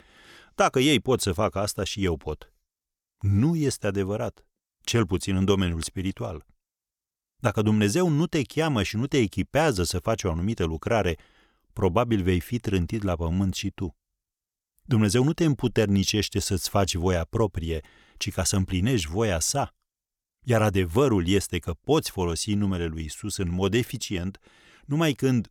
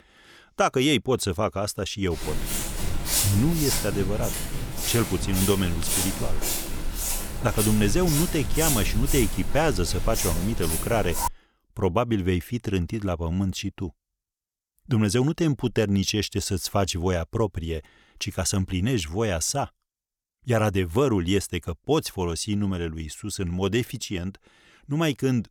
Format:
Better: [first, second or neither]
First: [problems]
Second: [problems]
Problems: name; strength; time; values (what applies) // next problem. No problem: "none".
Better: first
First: none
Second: footsteps; loud; from 2 to 11 s; peak 3 dB above the speech